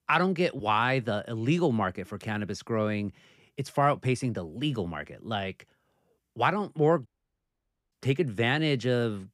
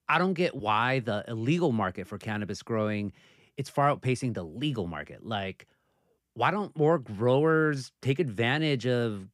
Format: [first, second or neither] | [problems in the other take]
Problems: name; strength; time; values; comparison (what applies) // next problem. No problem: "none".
second | audio cutting out; at 7 s for 1 s